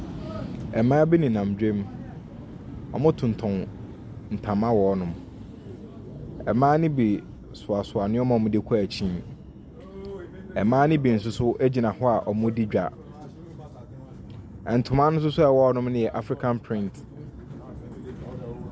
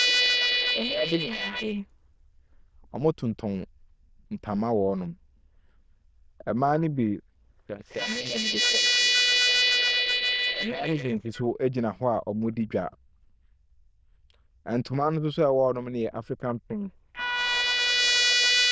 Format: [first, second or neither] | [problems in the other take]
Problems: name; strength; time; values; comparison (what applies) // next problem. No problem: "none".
first | noise reduction (neural diffusion model UNIVERSE++)